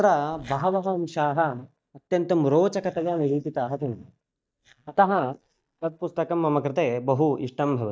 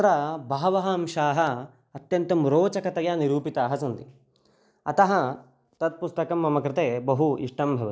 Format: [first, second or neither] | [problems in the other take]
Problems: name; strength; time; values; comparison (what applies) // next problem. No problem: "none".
second | noise reduction (neural mask model DeepFilterNet 3)